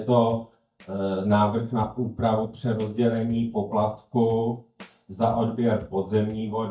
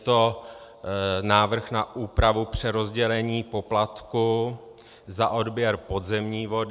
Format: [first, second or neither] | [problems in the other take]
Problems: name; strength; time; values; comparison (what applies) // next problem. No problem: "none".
second | noise reduction (neural mask model DeepFilterNet 3)